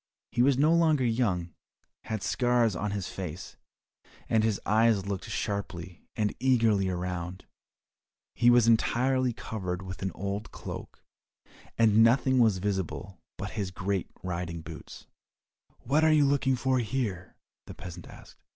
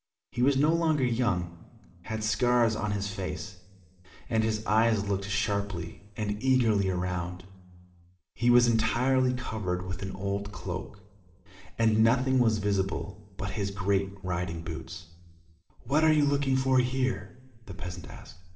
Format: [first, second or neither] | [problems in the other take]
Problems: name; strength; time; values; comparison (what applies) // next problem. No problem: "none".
first | room echo; dies away in 1.2 s